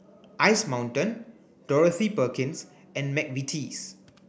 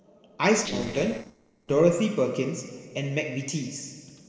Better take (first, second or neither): first